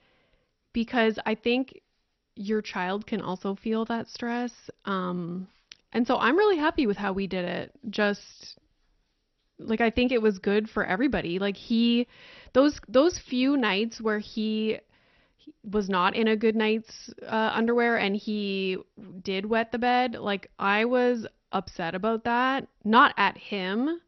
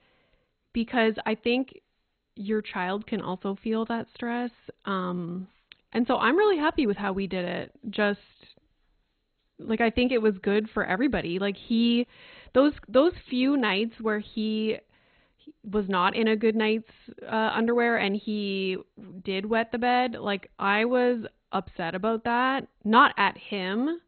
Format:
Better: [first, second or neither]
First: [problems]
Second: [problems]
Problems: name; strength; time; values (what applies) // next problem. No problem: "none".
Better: first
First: garbled, watery; slightly; nothing above 6 kHz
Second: garbled, watery; badly; nothing above 4 kHz